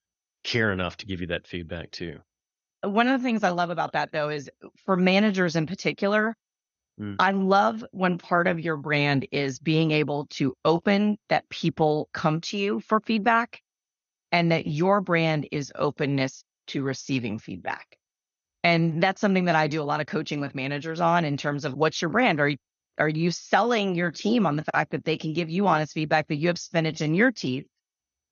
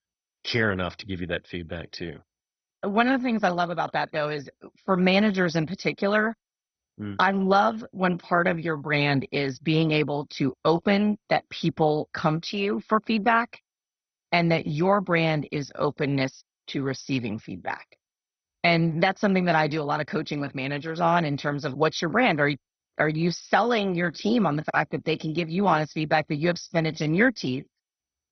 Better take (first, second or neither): first